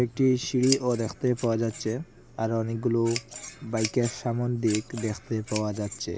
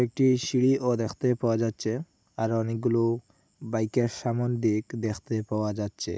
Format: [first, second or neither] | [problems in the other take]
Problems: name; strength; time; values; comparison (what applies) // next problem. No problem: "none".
second | background sound (Scissors); 13 dB below the speech